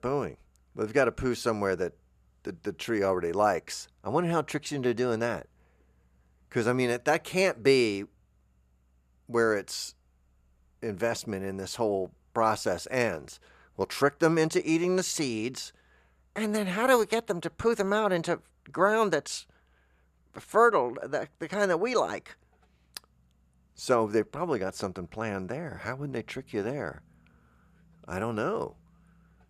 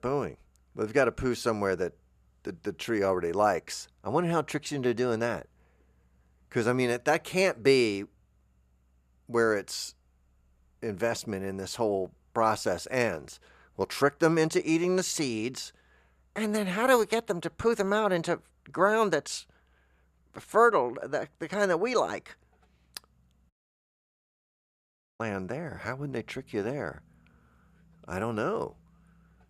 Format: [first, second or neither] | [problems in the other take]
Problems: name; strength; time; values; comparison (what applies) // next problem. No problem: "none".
first | audio cutting out; at 24 s for 1.5 s